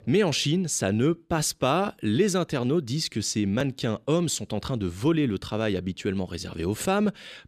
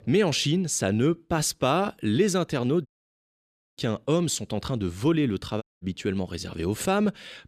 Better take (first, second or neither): first